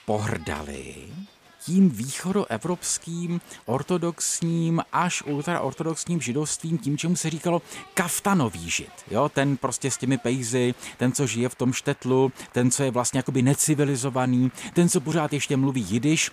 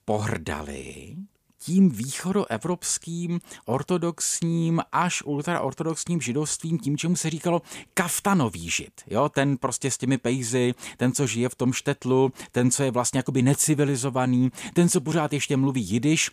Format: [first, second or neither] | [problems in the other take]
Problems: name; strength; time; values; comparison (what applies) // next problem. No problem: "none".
second | crowd noise; faint; throughout; 25 dB below the speech